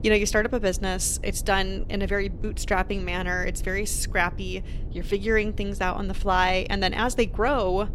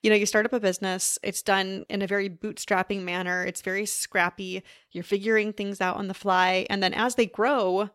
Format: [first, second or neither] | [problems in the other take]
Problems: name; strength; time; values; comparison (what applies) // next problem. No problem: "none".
second | low rumble; faint; throughout; 25 dB below the speech